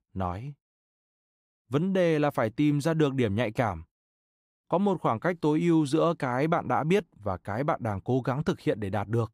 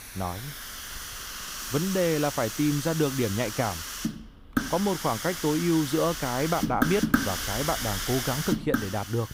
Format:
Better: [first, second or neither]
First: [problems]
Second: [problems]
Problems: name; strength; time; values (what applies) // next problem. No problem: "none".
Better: first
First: none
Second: hiss; loud; throughout; 4 dB below the speech